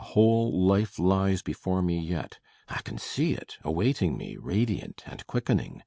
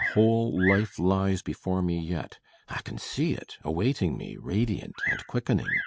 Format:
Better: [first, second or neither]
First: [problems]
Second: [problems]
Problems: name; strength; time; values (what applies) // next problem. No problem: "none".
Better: first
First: none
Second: background sound (Bird vocalization, bird call, bird song); 9 dB below the speech